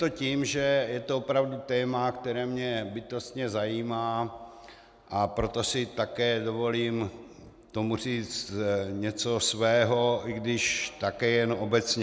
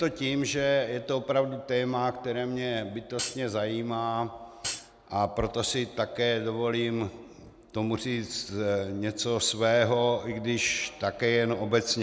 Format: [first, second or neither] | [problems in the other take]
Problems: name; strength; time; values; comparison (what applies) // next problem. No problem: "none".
first | background sound (Hi-hat); 8 dB below the speech